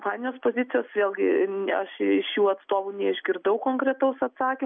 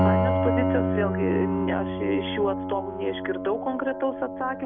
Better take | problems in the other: first | background sound (Piano); 2 dB above the speech

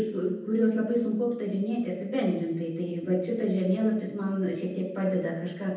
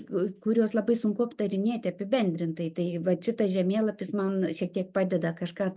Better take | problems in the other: second | room echo; dies away in 0.8 s

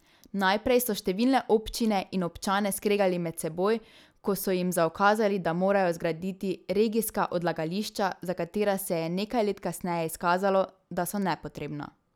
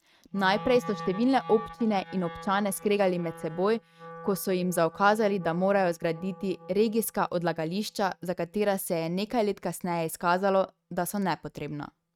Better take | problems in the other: first | noise reduction (neural mask model RNNoise)

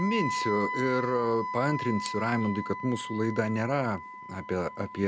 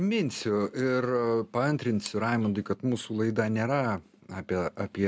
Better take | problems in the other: second | background sound (Wind instrument, woodwind instrument); 6 dB below the speech

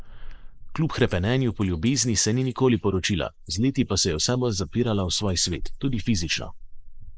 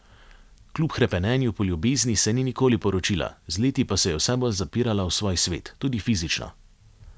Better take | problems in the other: second | noise reduction (neural mask model Resemble Enhance denoiser)

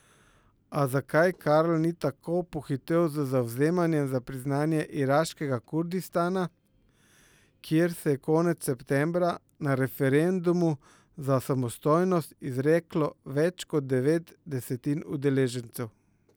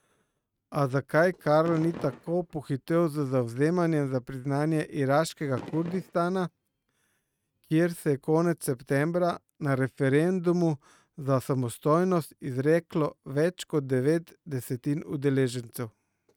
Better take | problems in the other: first | noise reduction (neural mask model RNNoise)

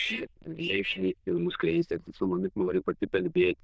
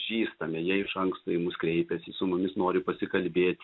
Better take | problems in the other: second | noise reduction (neural diffusion model UNIVERSE++)

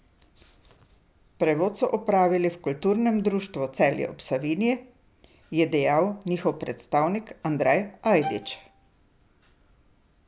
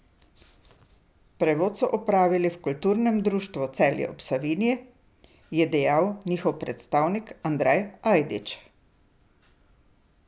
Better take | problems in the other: second | background sound (Bowed string instrument); 12 dB below the speech

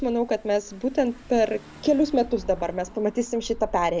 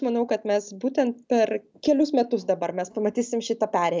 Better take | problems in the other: second | background sound (Engine / Car); 17 dB below the speech

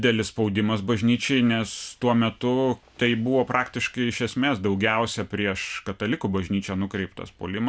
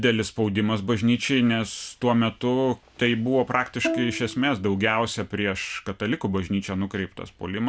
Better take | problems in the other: first | background sound (Bowed string instrument); 10 dB below the speech

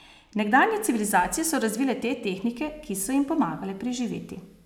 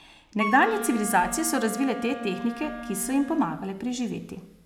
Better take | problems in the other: first | background sound (Wind instrument, woodwind instrument); 9 dB below the speech

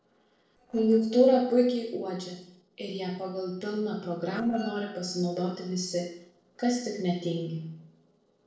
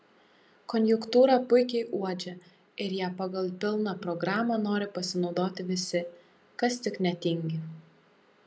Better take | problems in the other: second | noise reduction (neural separator model SepFormer DNS4)

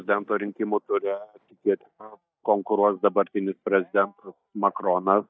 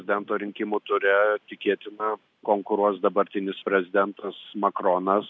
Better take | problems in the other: second | noise reduction (neural mask model DeepFilterNet 3)

